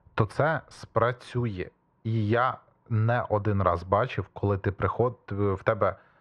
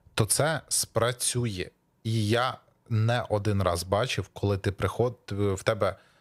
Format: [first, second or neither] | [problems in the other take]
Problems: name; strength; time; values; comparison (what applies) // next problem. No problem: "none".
second | muffled; very; fading above 1.5 kHz